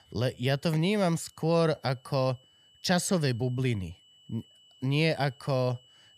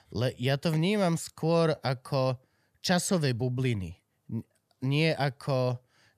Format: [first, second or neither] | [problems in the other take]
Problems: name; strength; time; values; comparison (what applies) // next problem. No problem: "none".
second | high-pitched whine; faint; throughout; 3 kHz, 30 dB below the speech